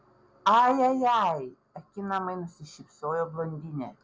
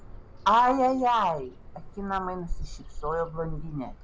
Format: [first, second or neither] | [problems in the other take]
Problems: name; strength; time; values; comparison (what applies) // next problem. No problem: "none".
first | background sound (Bird vocalization, bird call, bird song); 11 dB below the speech